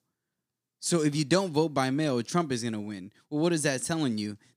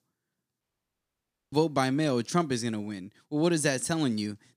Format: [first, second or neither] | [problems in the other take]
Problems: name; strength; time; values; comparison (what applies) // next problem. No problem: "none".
first | audio cutting out; at 0.5 s for 1 s